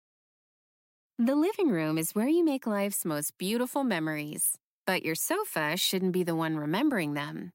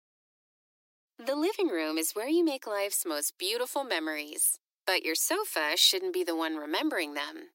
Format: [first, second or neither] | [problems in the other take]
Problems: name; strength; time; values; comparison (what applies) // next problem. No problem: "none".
first | thin; somewhat; fading below 300 Hz